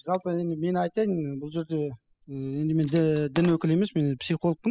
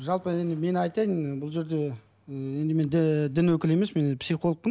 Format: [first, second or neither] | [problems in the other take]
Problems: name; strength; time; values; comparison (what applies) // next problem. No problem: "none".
second | noise reduction (classical method spectral subtraction)